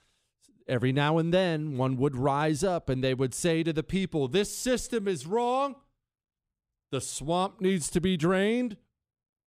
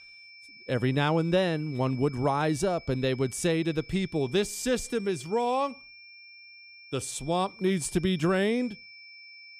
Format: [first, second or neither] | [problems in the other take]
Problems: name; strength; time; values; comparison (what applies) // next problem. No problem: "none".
first | high-pitched whine; noticeable; throughout; 2.5 kHz, 20 dB below the speech